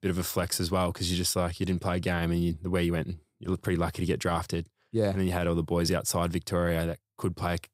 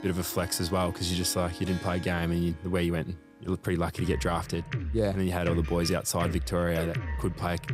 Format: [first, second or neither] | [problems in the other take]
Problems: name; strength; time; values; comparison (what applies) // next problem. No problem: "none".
first | background music; loud; throughout; 9 dB below the speech